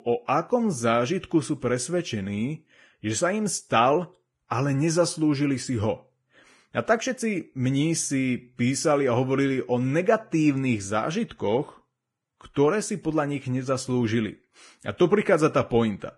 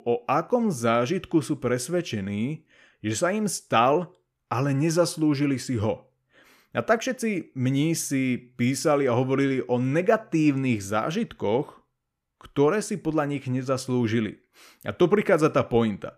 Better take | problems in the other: second | garbled, watery; badly; nothing above 10.5 kHz

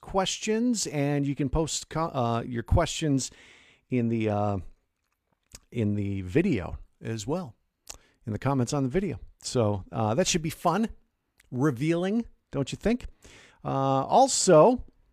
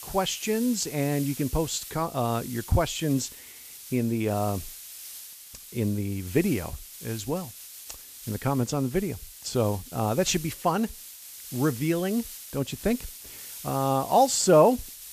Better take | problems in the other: first | hiss; noticeable; throughout; 15 dB below the speech

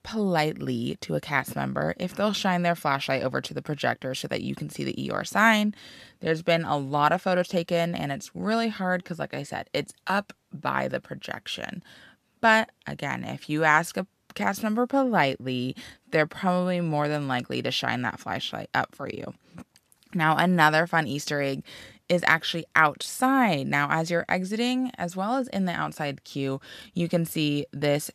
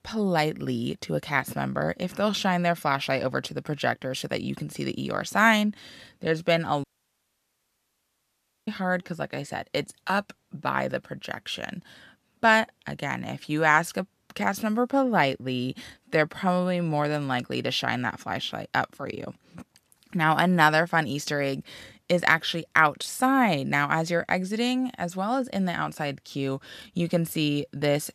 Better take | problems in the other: first | audio cutting out; at 7 s for 2 s

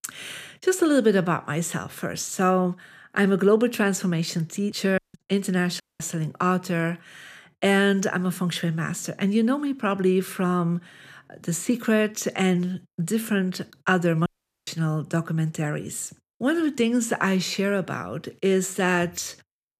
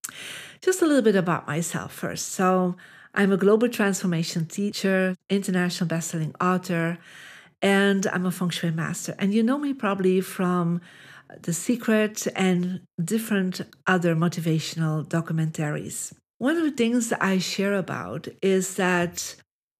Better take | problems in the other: second | audio cutting out; at 5 s, at 6 s and at 14 s

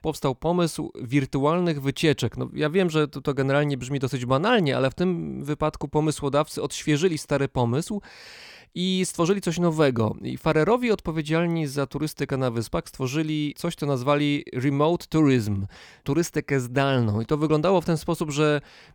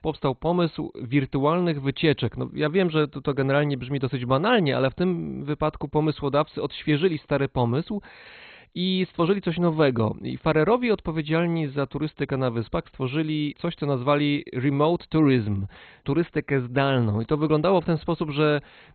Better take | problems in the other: first | garbled, watery; badly; nothing above 4 kHz

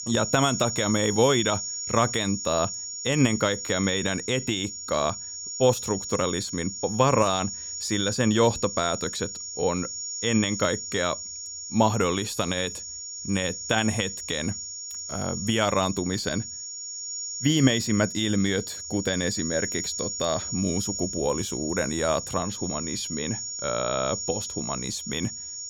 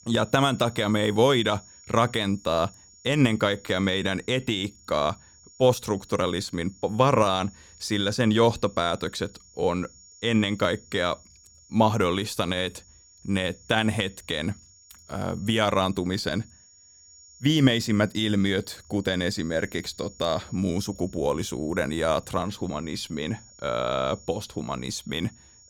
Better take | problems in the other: second | high-pitched whine; loud; throughout; 7 kHz, 5 dB below the speech; faint in the second

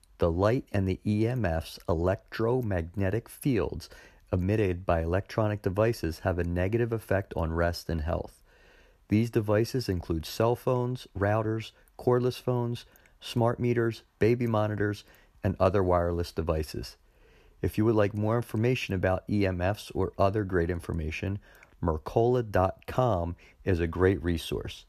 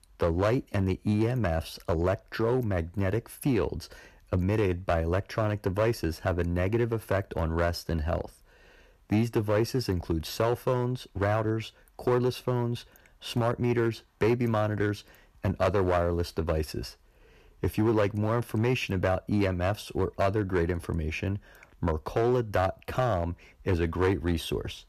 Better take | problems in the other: first | distortion; slight; 4% of the sound clipped

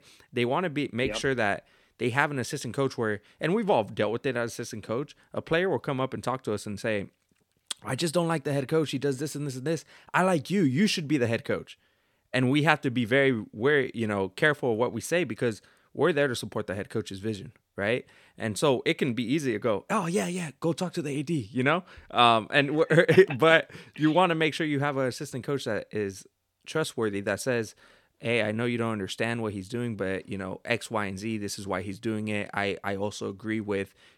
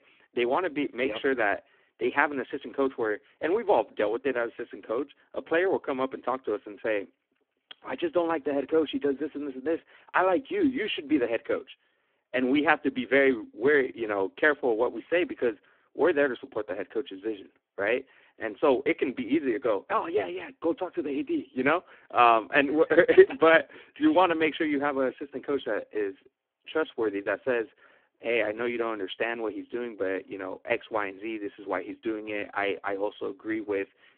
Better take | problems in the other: first | phone-call audio; poor line

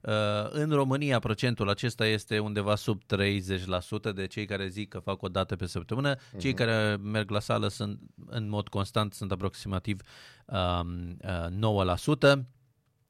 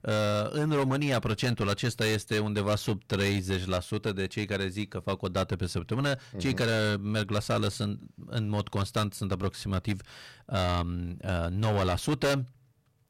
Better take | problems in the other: first | distortion; heavy; 10% of the sound clipped

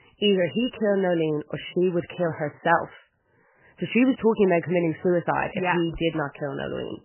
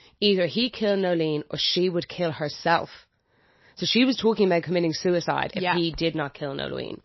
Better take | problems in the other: second | garbled, watery; badly; nothing above 3 kHz; slightly in the second

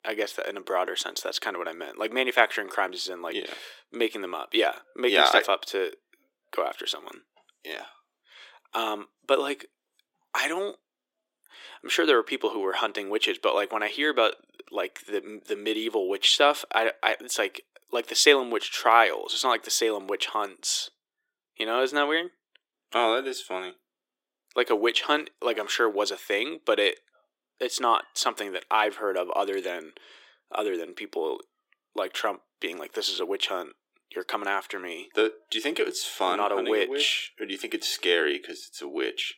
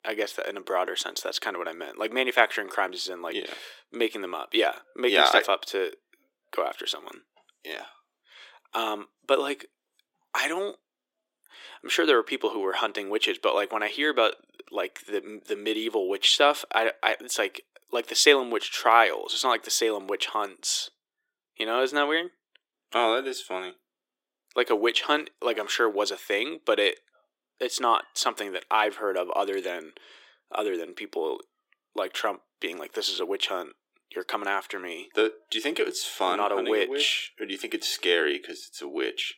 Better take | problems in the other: neither | thin; very; fading below 350 Hz; the same in both

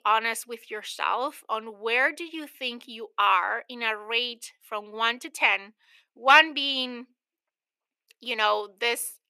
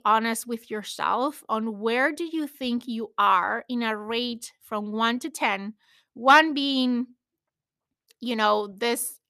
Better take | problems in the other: second | thin; somewhat; fading below 400 Hz

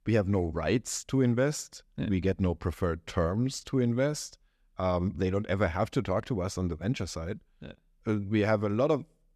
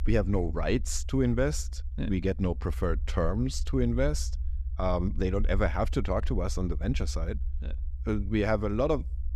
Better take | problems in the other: first | low rumble; faint; throughout; 25 dB below the speech

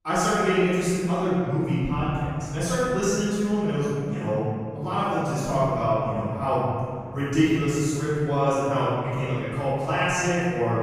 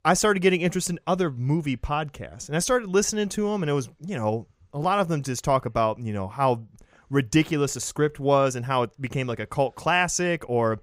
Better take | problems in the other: second | off-mic speech; far // room echo; strong; dies away in 2.5 s

